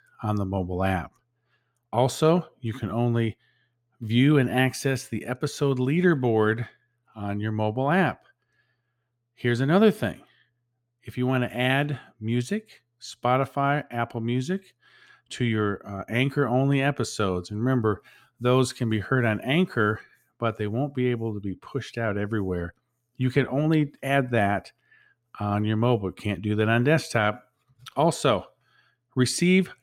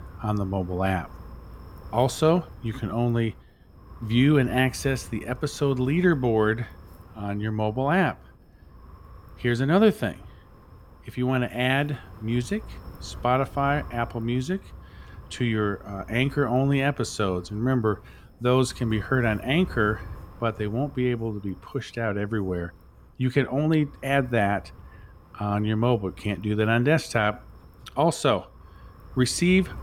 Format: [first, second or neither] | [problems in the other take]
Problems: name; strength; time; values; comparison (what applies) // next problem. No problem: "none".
first | wind noise on the microphone; occasional gusts; 25 dB below the speech